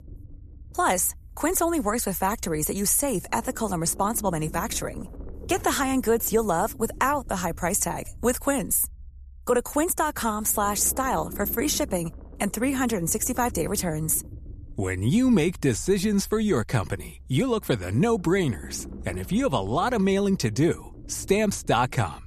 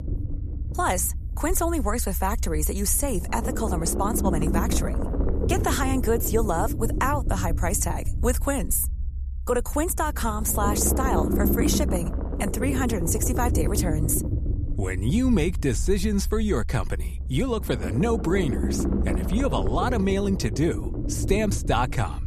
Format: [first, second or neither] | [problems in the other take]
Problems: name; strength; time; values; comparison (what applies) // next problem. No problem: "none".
first | low rumble; loud; throughout; 7 dB below the speech; faint in the first